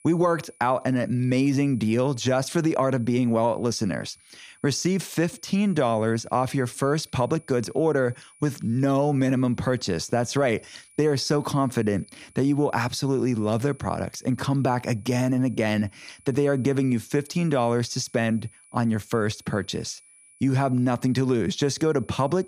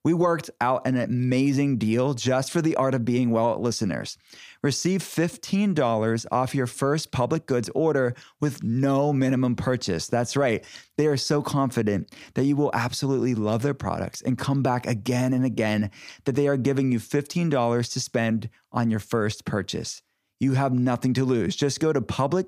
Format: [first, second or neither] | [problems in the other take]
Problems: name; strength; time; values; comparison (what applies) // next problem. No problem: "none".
second | high-pitched whine; faint; throughout; 10 kHz, 30 dB below the speech